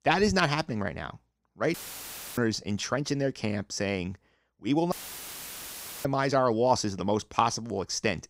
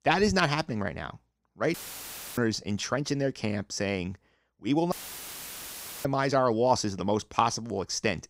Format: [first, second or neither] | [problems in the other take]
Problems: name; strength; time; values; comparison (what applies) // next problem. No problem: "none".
neither | audio cutting out; filled with static; at 1.5 s for 0.5 s and at 5 s for 1 s; the same in both